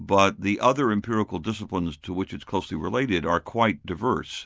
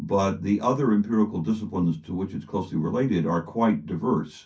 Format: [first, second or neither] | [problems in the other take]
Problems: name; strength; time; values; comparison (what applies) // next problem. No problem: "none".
first | room echo; dies away in 0.3 s